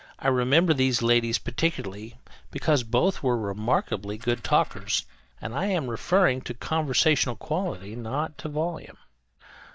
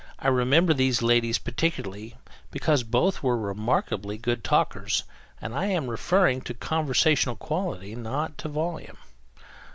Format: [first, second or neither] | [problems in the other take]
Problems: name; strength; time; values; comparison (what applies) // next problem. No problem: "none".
second | noise reduction (neural mask model DeepFilterNet 3)